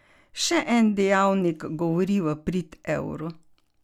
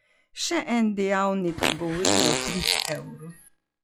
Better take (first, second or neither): first